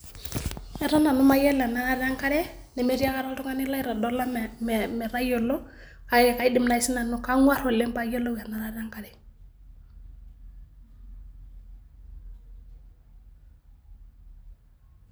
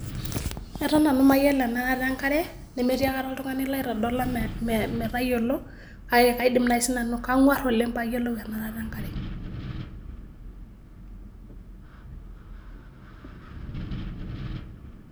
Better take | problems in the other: first | background sound (Wind); 13 dB below the speech

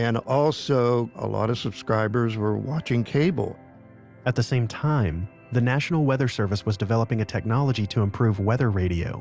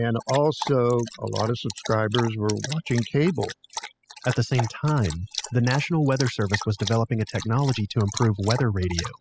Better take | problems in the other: first | noise reduction (classical method spectral subtraction)

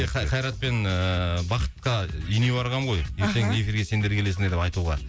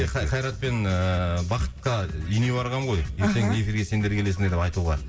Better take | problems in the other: first | room echo; dies away in 1 s

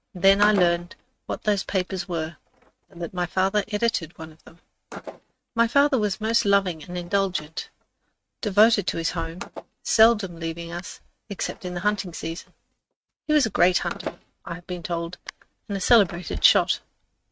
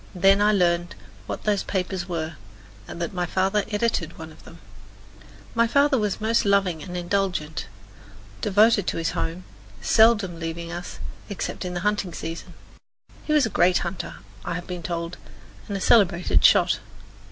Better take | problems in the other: second | noise reduction (neural mask model RNNoise)

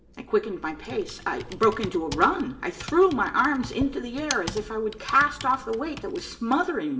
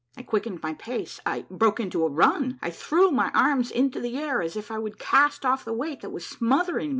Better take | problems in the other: second | background sound (Computer keyboard); 14 dB below the speech // room echo; dies away in 1 s

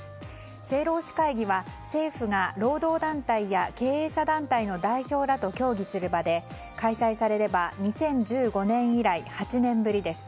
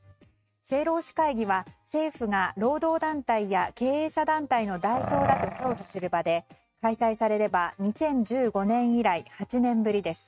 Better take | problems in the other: first | noise reduction (neural mask model RNNoise)

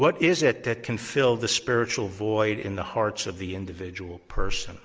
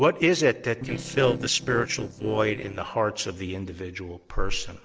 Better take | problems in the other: first | noise reduction (neural separator model SepFormer DNS4)

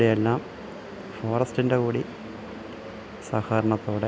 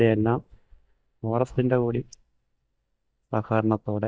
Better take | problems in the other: first | noise reduction (neural mask model DeepFilterNet 3)

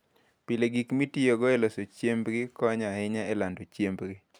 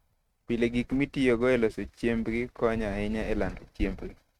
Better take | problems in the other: first | noise reduction (neural mask model RNNoise)

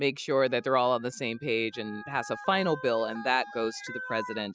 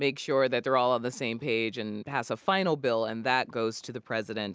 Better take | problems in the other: second | noise reduction (classical method spectral subtraction)

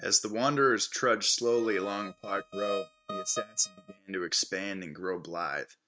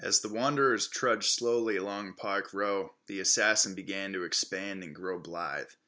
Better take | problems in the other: second | noise reduction (neural mask model RNNoise)

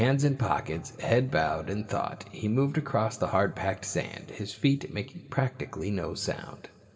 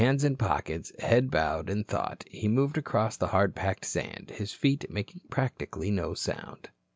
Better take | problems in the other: second | room echo; dies away in 1.6 s

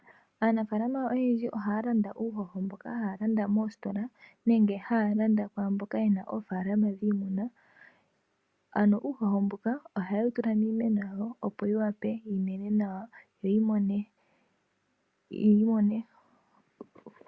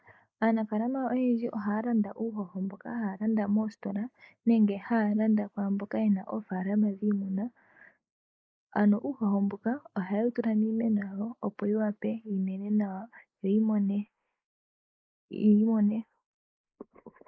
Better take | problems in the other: first | noise reduction (neural mask model Resemble Enhance denoiser)

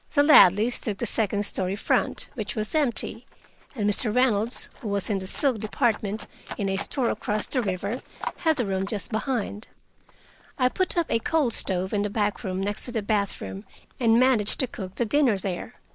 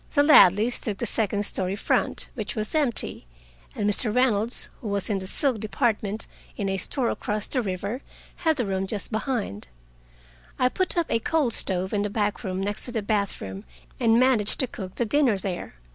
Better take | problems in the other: second | noise reduction (neural mask model Resemble Enhance denoiser)

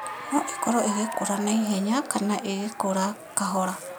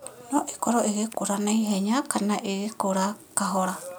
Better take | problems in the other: second | background sound (Applause / Cheering); 11 dB below the speech

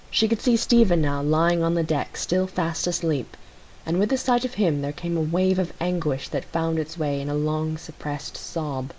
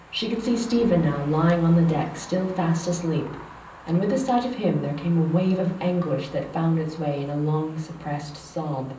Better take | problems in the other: first | background sound (Traffic noise, roadway noise); 20 dB below the speech // room echo; dies away in 0.6 s

